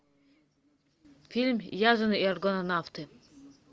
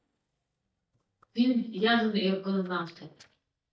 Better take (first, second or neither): first